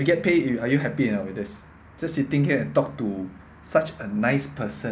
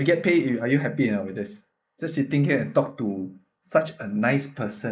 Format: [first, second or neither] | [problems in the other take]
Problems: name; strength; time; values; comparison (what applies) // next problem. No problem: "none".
first | noise reduction (neural mask model Resemble Enhance denoiser)